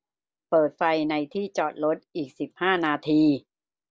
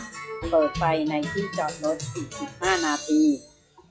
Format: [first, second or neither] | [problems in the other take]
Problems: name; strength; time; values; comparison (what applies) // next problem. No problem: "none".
first | noise reduction (classical method log-MMSE)